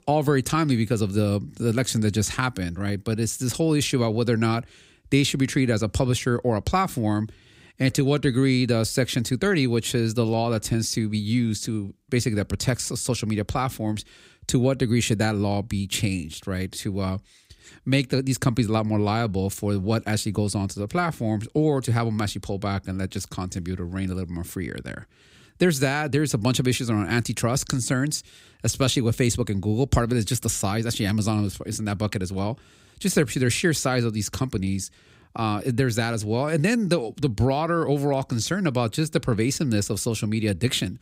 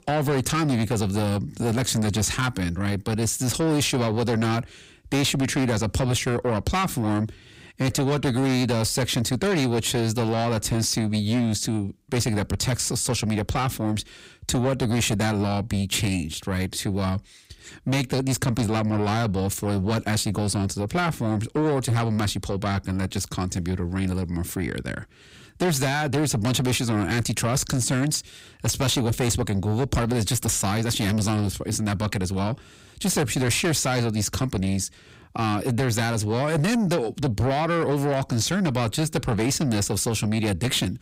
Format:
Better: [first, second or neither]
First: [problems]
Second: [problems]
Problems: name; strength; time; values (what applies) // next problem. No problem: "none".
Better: first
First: none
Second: distortion; heavy; 7 dB below the speech